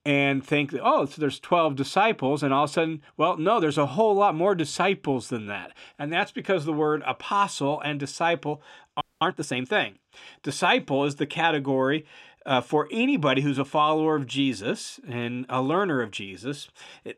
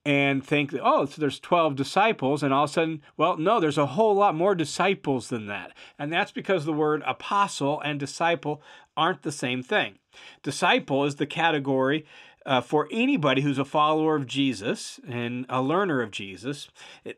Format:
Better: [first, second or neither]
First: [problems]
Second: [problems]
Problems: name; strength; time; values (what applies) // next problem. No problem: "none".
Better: second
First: audio freezing; at 9 s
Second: none